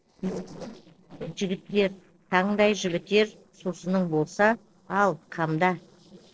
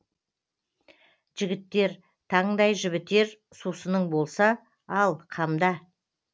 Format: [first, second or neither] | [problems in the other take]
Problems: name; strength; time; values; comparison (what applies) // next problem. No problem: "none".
second | noise reduction (neural separator model SepFormer DNS4)